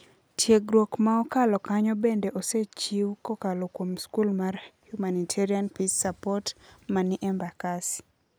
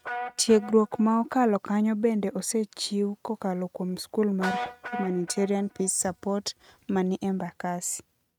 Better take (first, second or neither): first